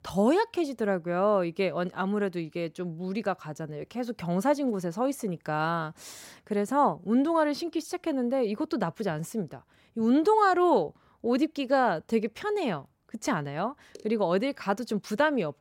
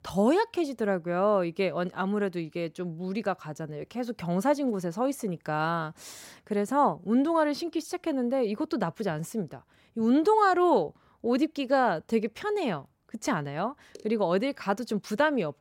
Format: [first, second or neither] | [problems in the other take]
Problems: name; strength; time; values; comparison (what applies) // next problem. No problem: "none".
neither | none